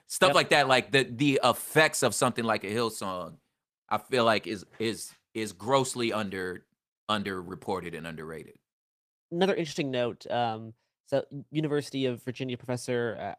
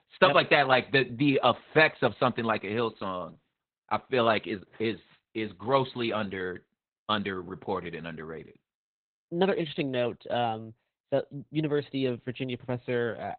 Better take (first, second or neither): first